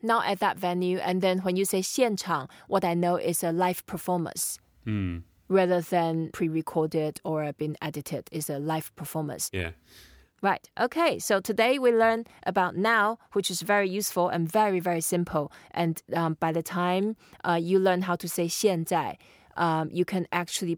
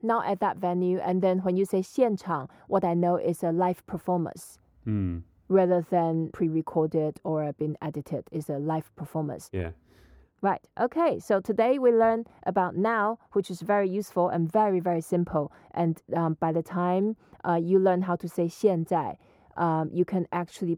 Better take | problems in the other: first | muffled; very; fading above 1.5 kHz

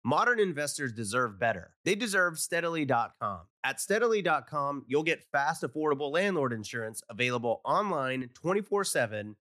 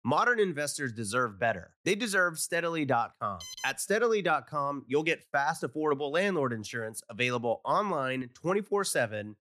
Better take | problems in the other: first | alarm; faint; at 3.5 s; peak 10 dB below the speech

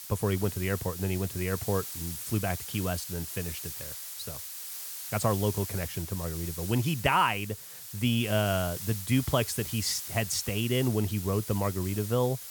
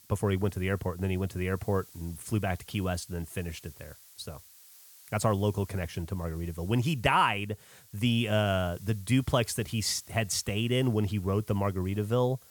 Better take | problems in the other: second | hiss; loud; throughout; 7 dB below the speech; faint in the second

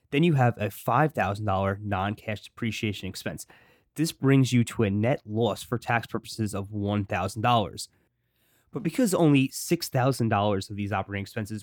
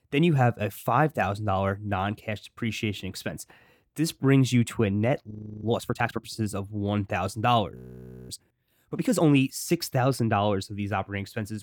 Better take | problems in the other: first | audio freezing; at 5.5 s and at 8 s for 0.5 s

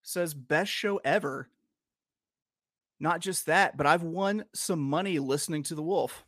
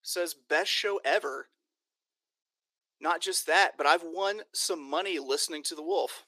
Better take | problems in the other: first | thin; very; fading below 350 Hz

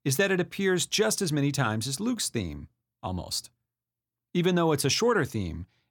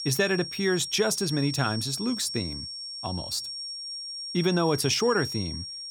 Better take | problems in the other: first | high-pitched whine; loud; throughout; 5.5 kHz, 7 dB below the speech

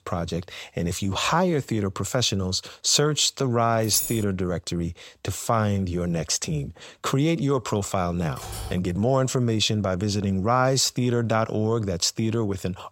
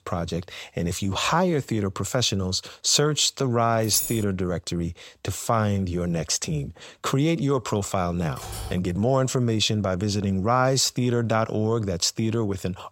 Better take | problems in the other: neither | jangling keys; noticeable; at 4 s; peak 2 dB below the speech; the same in both // keyboard typing; faint; at 8.5 s; peak 10 dB below the speech; the same in both

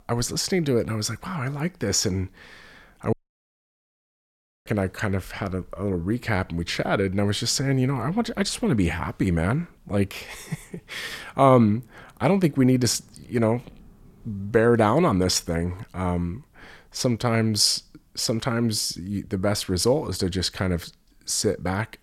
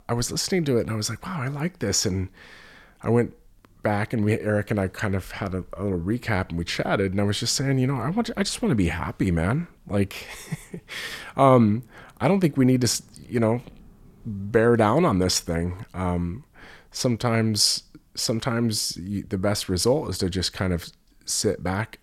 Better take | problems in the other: second | audio cutting out; at 3 s for 1.5 s

